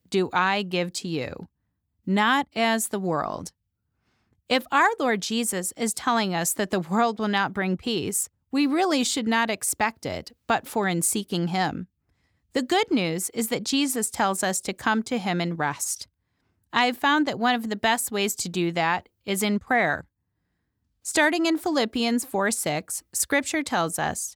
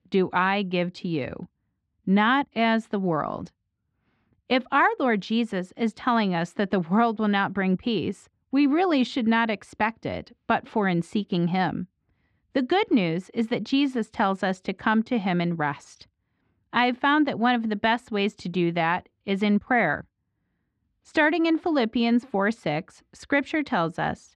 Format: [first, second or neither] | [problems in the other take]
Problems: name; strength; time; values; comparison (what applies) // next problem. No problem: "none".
first | muffled; slightly; fading above 3.5 kHz